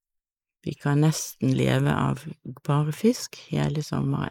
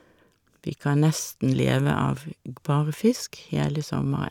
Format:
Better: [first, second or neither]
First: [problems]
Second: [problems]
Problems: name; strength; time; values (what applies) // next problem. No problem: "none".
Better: second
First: noise reduction (neural mask model Resemble Enhance denoiser)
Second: none